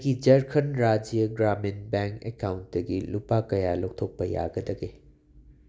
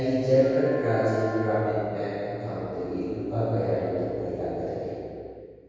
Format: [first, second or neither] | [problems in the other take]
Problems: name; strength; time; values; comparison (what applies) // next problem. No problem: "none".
first | background sound (Wind instrument, woodwind instrument); 15 dB below the speech // room echo; dies away in 2.2 s